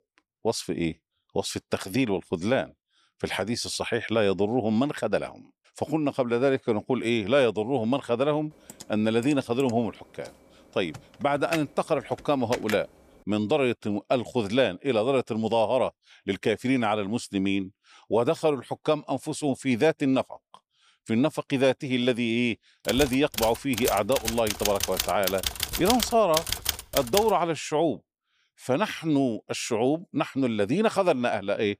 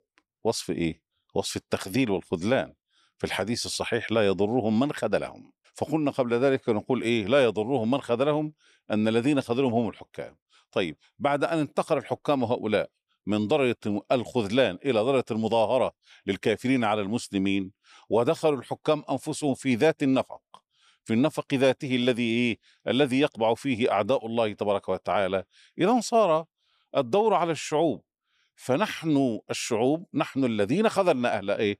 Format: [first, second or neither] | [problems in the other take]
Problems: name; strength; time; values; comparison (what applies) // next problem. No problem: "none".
second | keyboard typing; noticeable; from 8.5 to 13 s and from 23 to 27 s; peak 1 dB below the speech